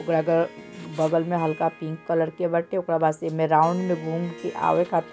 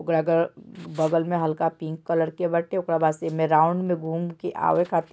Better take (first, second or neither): second